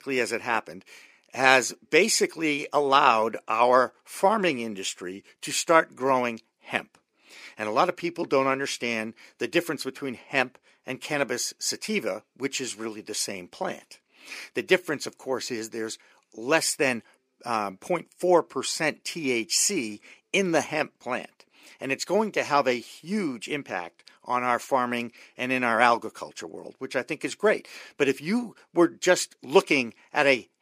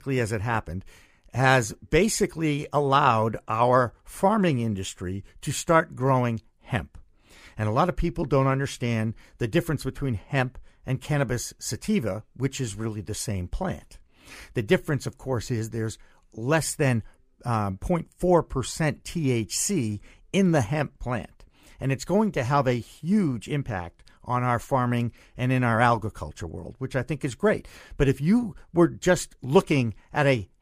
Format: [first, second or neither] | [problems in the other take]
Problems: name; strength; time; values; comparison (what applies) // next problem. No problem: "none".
second | thin; somewhat; fading below 300 Hz